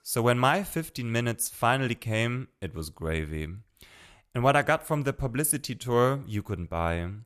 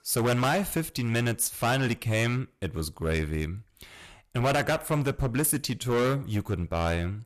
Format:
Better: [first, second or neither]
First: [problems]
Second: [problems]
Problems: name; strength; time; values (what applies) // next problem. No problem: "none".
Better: first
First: none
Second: distortion; heavy; 11% of the sound clipped